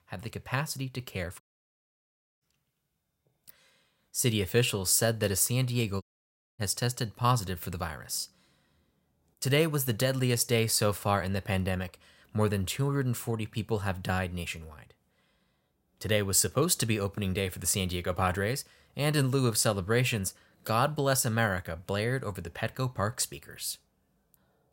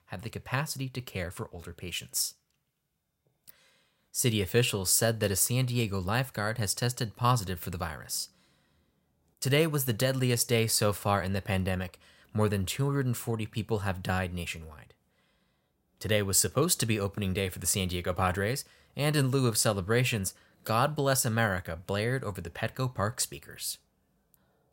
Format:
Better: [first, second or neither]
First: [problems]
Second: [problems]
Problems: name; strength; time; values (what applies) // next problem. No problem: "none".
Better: second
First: audio cutting out; at 1.5 s for 1 s and at 6 s for 0.5 s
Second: none